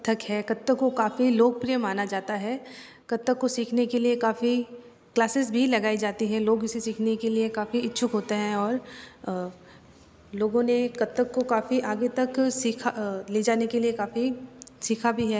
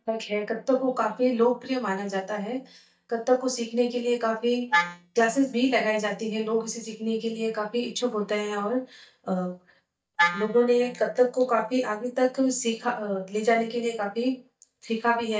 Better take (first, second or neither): first